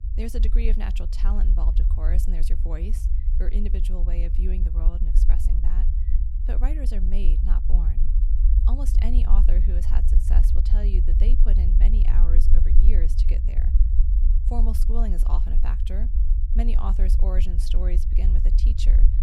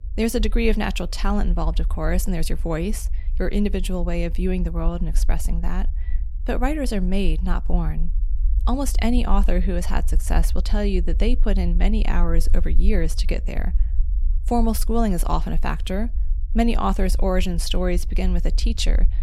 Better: second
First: low rumble; loud; throughout; 4 dB below the speech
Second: low rumble; faint; throughout; 20 dB below the speech

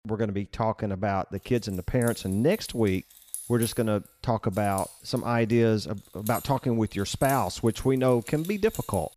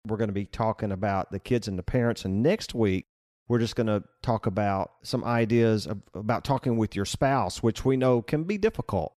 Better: second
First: jangling keys; noticeable; from 1.5 s on; peak 7 dB below the speech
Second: none

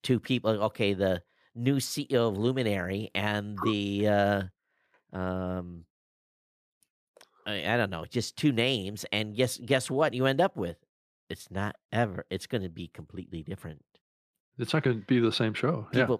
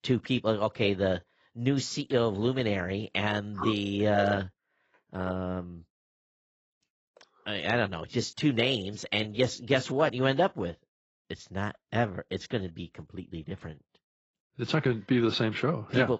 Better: first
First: none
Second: garbled, watery; badly; nothing above 7.5 kHz

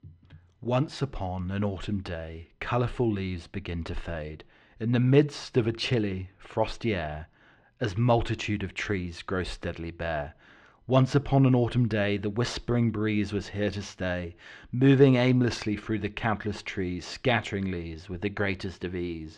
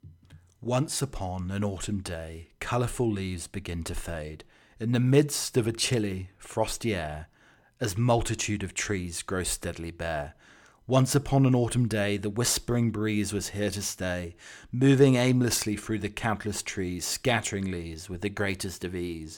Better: second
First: muffled; slightly; fading above 4 kHz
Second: none

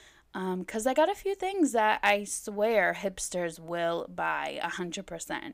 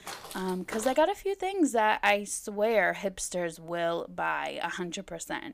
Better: first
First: none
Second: footsteps; faint; until 1 s; peak 10 dB below the speech

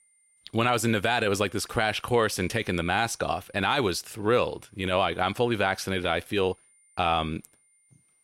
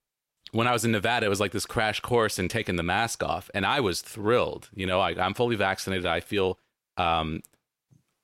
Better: second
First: high-pitched whine; faint; throughout; 9 kHz, 35 dB below the speech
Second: none

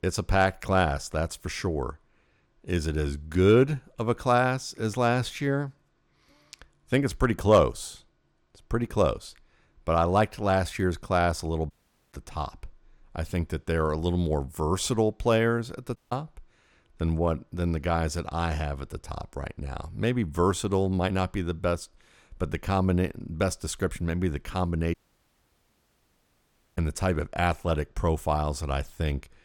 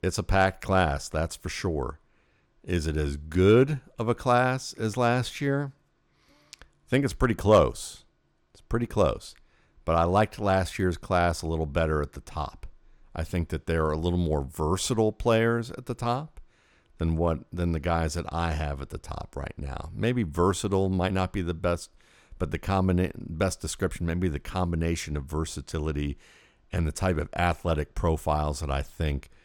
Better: second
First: audio cutting out; at 12 s, at 16 s and at 25 s for 2 s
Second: none

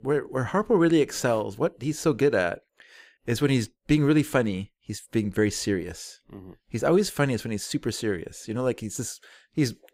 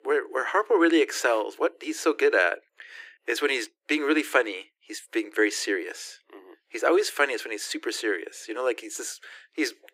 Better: first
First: none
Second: thin; very; fading below 300 Hz

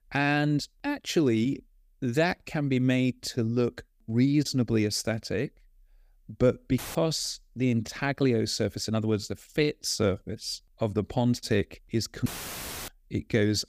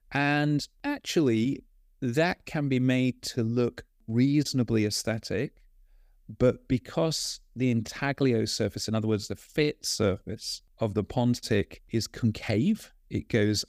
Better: second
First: audio cutting out; filled with static; at 7 s and at 12 s for 0.5 s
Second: none

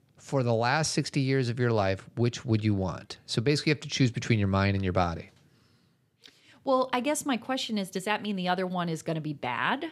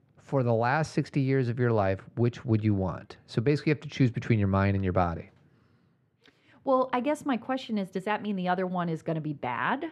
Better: first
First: none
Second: muffled; slightly; fading above 3 kHz

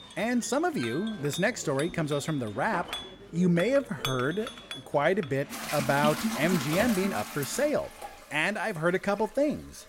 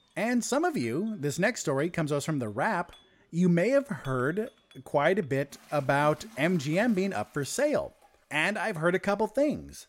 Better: second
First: household noises; loud; throughout; 8 dB below the speech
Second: household noises; faint; throughout; 25 dB below the speech

